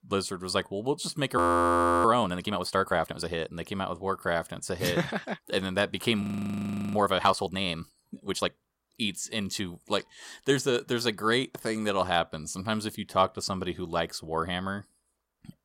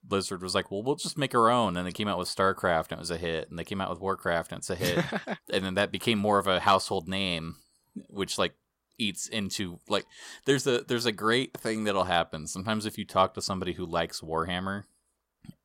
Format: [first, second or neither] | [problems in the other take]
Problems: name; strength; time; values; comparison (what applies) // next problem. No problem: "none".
second | audio freezing; at 1.5 s for 0.5 s and at 6 s for 0.5 s